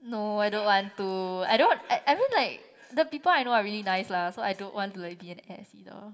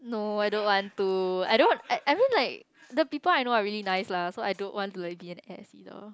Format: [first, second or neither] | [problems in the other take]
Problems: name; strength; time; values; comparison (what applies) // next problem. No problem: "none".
second | room echo; dies away in 0.4 s